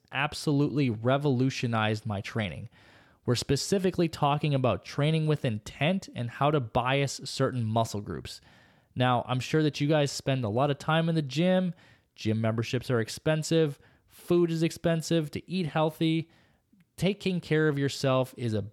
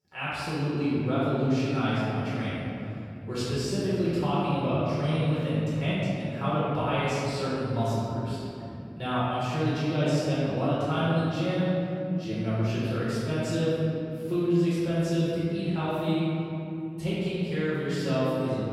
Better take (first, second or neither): first